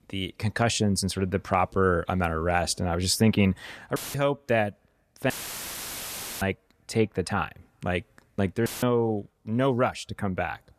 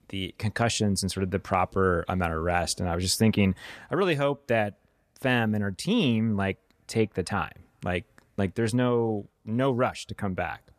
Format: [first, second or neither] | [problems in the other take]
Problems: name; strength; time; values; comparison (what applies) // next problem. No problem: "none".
second | audio cutting out; filled with static; at 4 s, at 5.5 s for 1 s and at 8.5 s